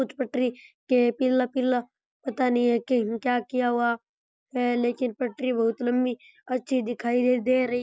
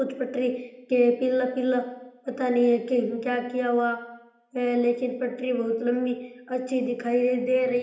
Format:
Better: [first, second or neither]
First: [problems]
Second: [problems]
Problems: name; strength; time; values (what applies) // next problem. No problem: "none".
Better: first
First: none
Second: room echo; dies away in 0.8 s